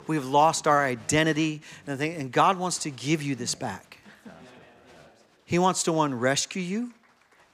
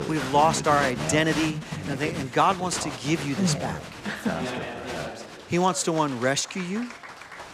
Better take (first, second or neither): first